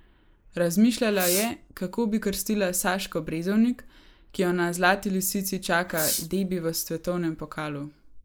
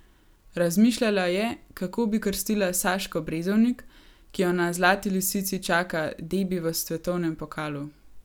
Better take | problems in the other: second | noise reduction (neural mask model Resemble Enhance denoiser)

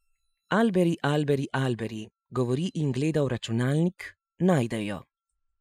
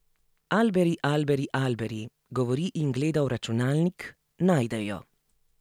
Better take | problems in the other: second | noise reduction (classical method Wiener filter)

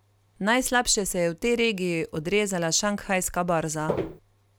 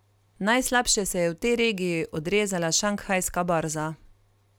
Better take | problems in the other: second | background sound (Walk, footsteps); 2 dB below the speech

